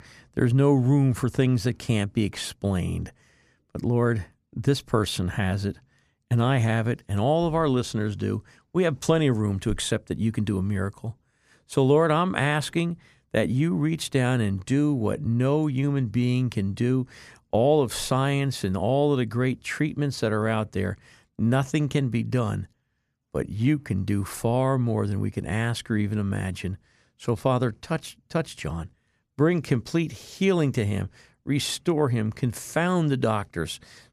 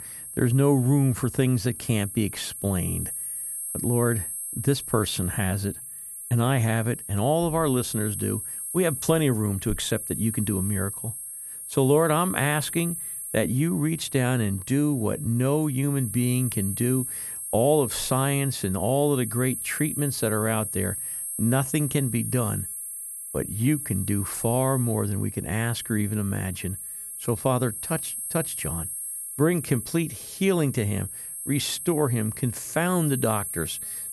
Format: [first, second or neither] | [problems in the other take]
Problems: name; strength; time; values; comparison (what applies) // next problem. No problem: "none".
first | high-pitched whine; loud; throughout; 10.5 kHz, 6 dB below the speech